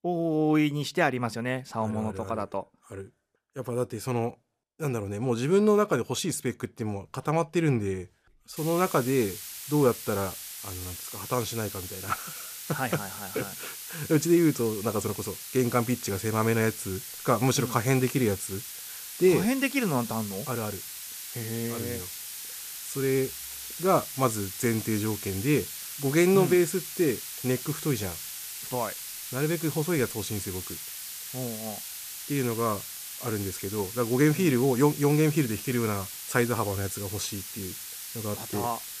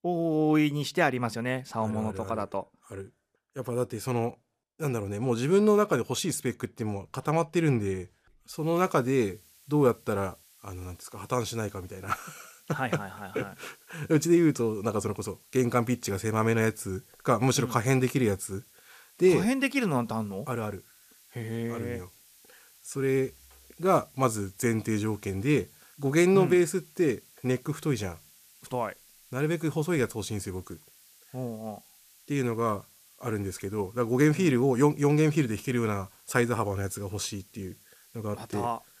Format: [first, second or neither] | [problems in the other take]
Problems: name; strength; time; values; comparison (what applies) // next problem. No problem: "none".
second | hiss; loud; from 8.5 s on; 9 dB below the speech; faint in the second